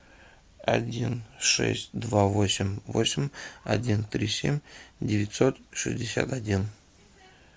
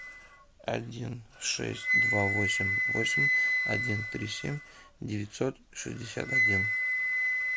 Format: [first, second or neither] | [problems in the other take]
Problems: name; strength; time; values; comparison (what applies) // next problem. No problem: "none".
first | background sound (Wind instrument, woodwind instrument); 5 dB above the speech